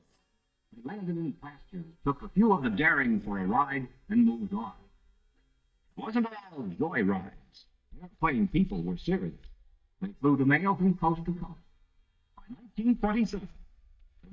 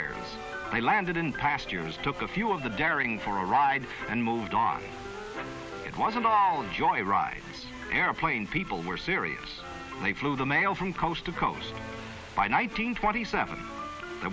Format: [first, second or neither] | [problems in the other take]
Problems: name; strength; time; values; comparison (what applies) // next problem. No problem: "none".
second | noise reduction (neural mask model DeepFilterNet 3)